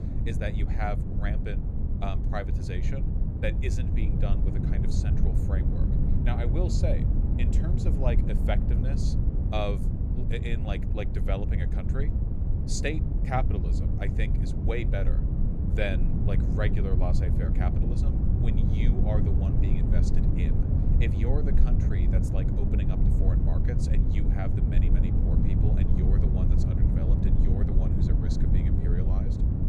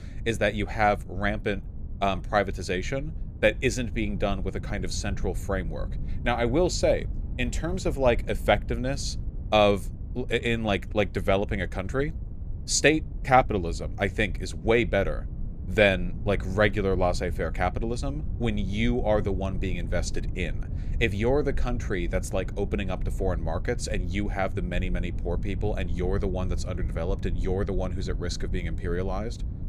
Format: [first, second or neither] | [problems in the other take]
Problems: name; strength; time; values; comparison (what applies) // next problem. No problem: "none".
second | low rumble; loud; throughout; 1 dB below the speech; faint in the second